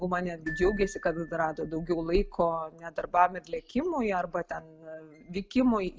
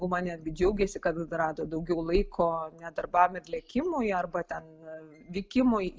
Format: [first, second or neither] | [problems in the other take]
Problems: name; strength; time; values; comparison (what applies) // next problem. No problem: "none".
second | background sound (Glockenspiel); 18 dB below the speech